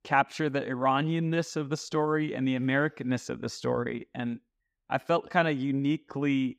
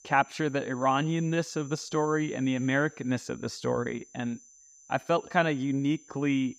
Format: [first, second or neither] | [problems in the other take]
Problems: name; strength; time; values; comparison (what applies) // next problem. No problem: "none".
first | high-pitched whine; faint; throughout; 6 kHz, 20 dB below the speech